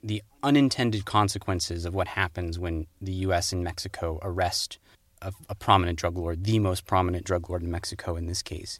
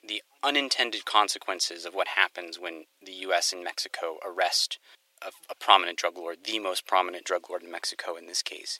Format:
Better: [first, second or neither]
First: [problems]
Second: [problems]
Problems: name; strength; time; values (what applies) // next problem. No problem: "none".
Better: first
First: none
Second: thin; very; fading below 450 Hz